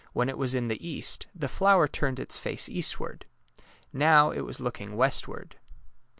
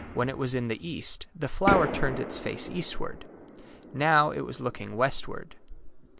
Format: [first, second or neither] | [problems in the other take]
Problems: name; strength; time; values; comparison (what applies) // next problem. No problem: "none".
first | background sound (Fireworks); 7 dB below the speech